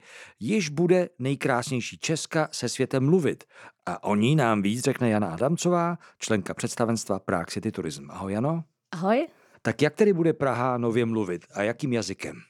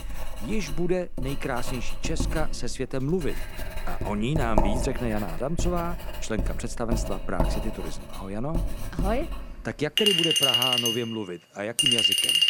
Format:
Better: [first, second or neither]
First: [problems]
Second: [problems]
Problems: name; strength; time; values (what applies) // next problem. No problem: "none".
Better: first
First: none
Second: household noises; very loud; throughout; 5 dB above the speech